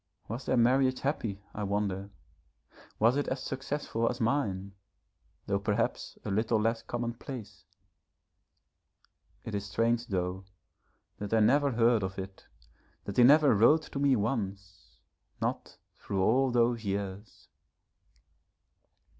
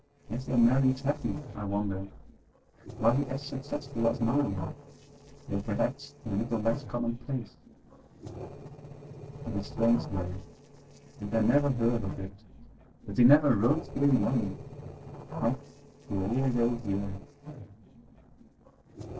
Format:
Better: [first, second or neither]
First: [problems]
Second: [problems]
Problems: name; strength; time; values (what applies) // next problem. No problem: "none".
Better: first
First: none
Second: noise reduction (neural separator model SepFormer DNS4)